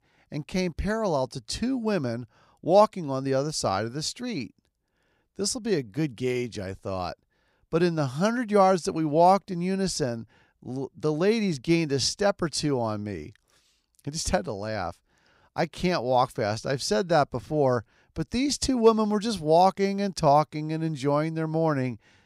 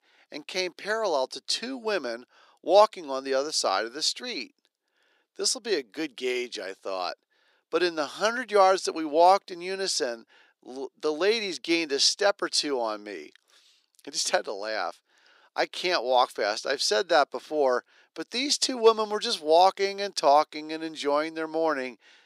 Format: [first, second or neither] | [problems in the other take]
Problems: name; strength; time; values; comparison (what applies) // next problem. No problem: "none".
first | thin; somewhat; fading below 350 Hz